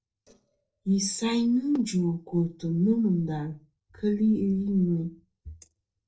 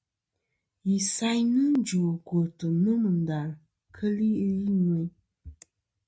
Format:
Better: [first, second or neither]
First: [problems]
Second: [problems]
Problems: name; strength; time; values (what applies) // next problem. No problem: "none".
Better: second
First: noise reduction (neural separator model SepFormer DNS4)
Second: none